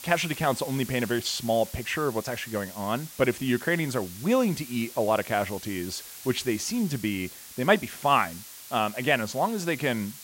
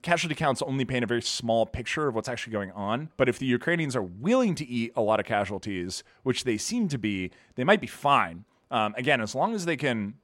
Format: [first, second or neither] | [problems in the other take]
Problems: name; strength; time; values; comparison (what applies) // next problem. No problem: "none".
second | hiss; noticeable; throughout; 15 dB below the speech